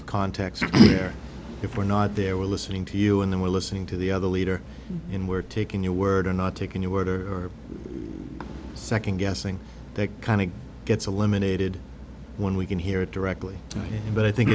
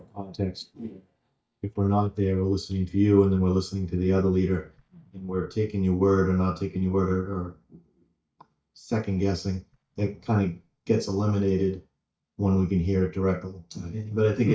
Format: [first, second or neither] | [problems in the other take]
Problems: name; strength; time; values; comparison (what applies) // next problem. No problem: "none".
first | noise reduction (neural mask model DeepFilterNet 3)